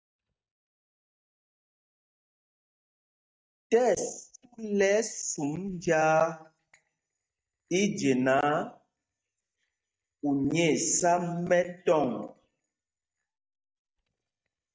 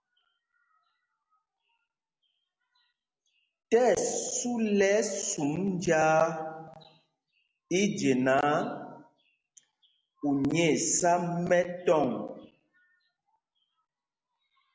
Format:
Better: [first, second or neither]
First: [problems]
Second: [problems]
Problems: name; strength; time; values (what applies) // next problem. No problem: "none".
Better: second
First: noise reduction (neural mask model DeepFilterNet 3)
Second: none